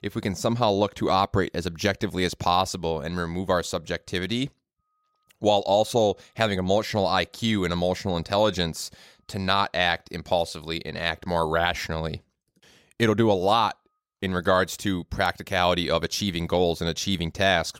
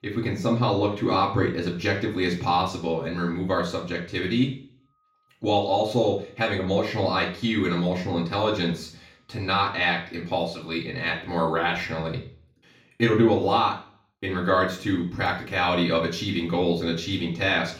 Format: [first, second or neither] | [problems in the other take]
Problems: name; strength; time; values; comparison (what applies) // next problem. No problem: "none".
first | room echo; slight; dies away in 0.5 s // off-mic speech; far